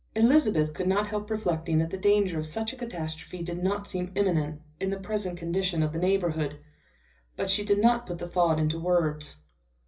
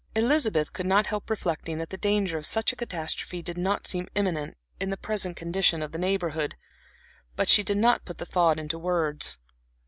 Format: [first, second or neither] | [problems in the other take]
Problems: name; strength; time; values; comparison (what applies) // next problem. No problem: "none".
second | room echo; dies away in 0.4 s